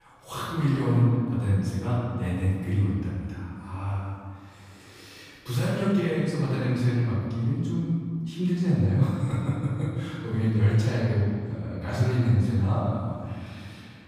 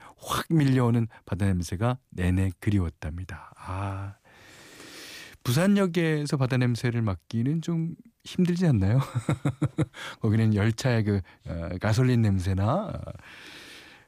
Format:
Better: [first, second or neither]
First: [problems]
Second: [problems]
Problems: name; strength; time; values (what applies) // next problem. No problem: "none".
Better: second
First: off-mic speech; far // room echo; strong; dies away in 1.9 s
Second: none